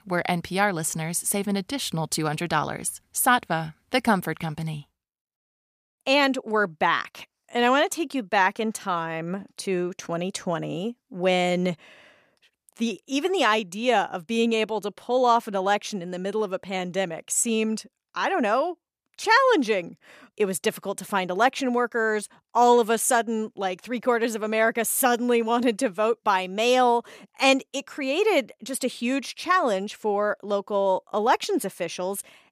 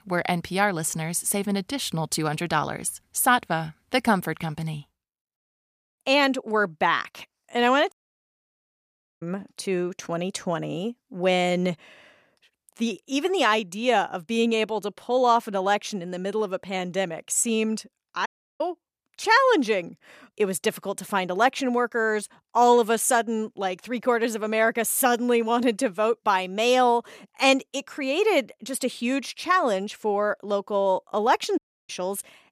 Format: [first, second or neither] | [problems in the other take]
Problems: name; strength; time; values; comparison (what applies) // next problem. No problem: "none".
first | audio cutting out; at 8 s for 1.5 s, at 18 s and at 32 s